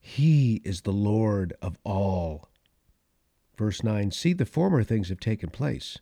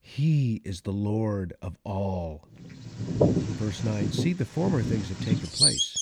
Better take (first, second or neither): first